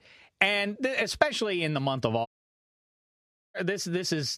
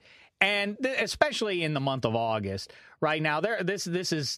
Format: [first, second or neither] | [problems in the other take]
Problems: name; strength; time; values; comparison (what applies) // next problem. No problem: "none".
second | audio cutting out; at 2.5 s for 1.5 s